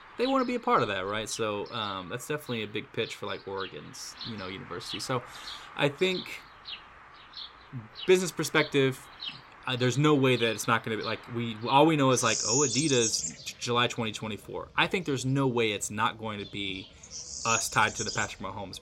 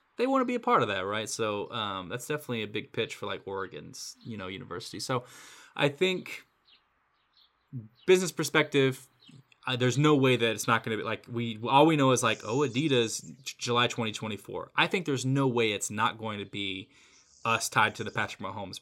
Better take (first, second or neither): second